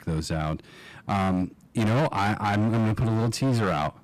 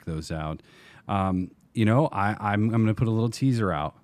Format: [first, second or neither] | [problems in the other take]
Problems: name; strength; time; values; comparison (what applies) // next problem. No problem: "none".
second | distortion; heavy; 20% of the sound clipped